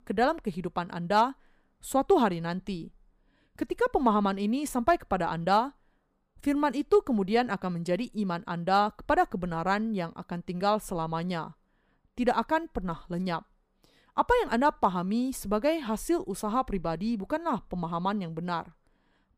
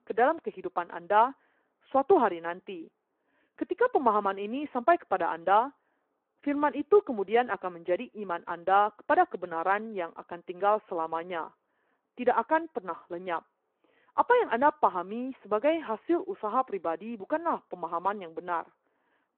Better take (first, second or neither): first